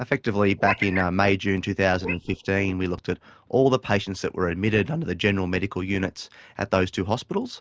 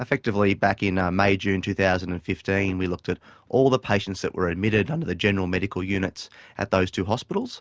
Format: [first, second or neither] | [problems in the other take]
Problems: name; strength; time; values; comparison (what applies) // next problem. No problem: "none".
second | noise reduction (neural mask model Resemble Enhance denoiser)